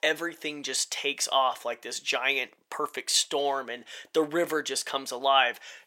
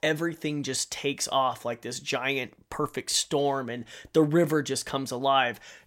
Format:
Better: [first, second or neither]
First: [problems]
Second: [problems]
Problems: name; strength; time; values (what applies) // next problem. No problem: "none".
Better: second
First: thin; somewhat; fading below 500 Hz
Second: none